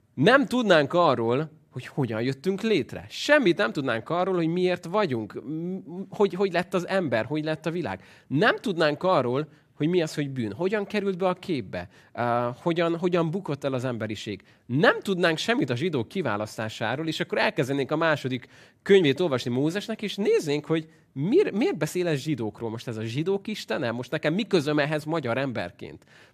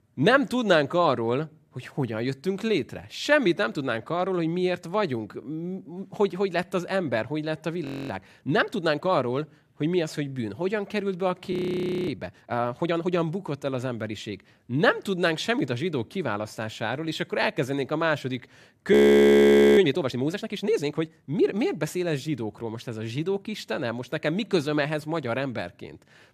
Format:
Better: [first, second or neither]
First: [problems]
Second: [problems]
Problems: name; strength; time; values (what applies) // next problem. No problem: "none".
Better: first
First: none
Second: audio freezing; at 8 s, at 12 s for 0.5 s and at 19 s for 1 s